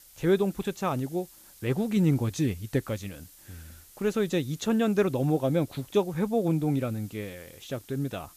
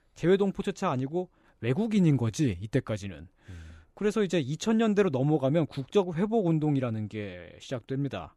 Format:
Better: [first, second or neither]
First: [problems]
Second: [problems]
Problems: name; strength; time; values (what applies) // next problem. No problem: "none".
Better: second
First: hiss; faint; throughout; 20 dB below the speech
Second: none